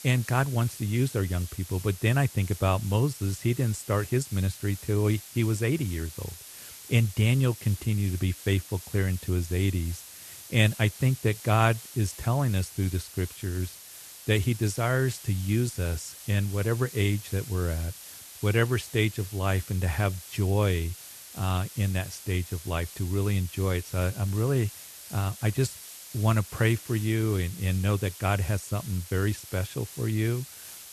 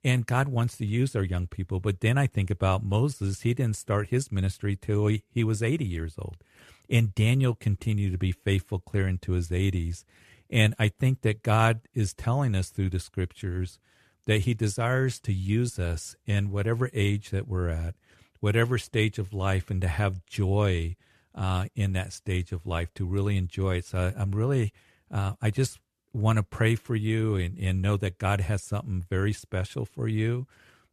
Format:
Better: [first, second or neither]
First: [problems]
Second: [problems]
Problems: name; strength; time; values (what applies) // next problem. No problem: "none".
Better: second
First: hiss; noticeable; throughout; 15 dB below the speech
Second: none